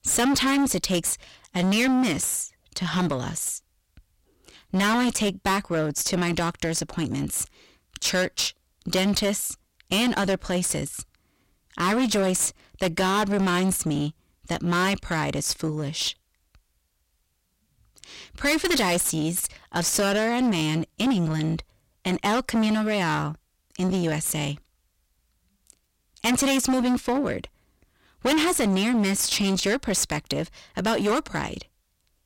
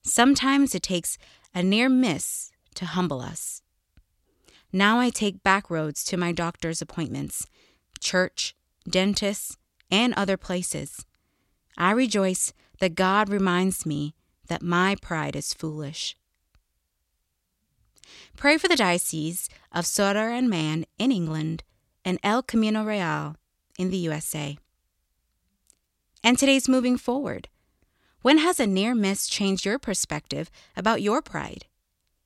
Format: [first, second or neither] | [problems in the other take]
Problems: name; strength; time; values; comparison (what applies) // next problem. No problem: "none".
second | distortion; heavy; 15% of the sound clipped